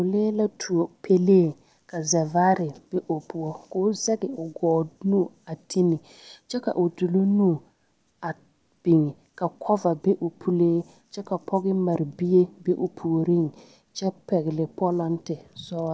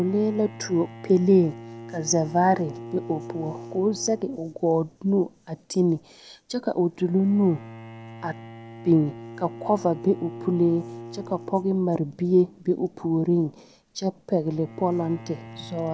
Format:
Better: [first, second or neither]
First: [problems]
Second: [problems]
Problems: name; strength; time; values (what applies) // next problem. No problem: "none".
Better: first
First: none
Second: background sound (Bowed string instrument); 17 dB below the speech